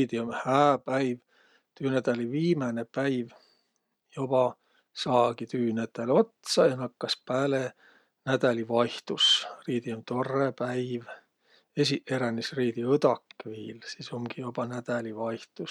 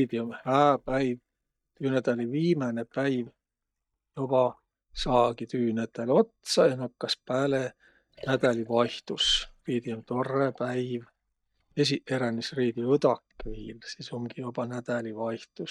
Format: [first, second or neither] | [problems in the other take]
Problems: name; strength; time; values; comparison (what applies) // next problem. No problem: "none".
first | noise reduction (neural mask model DeepFilterNet 3)